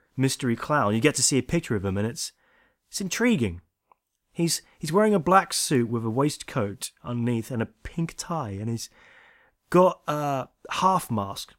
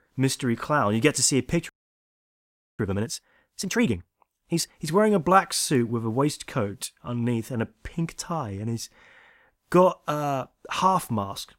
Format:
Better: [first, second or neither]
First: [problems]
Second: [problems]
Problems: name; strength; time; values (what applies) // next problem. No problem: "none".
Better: first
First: none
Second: audio freezing; at 1.5 s for 1 s